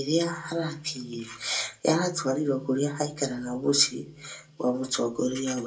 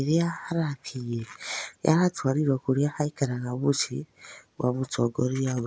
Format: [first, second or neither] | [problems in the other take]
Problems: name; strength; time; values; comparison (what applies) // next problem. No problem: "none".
second | room echo; dies away in 0.2 s